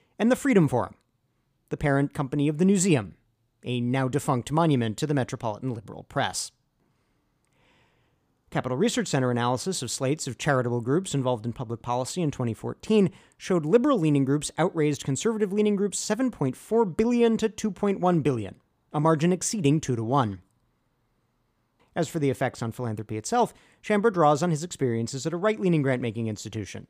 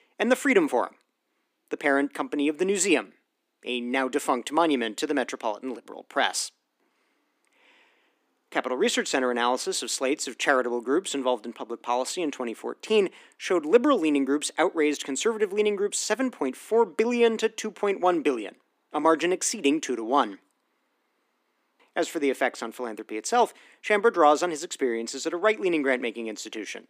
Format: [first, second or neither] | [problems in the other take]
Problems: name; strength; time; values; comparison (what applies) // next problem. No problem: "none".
first | thin; somewhat; fading below 250 Hz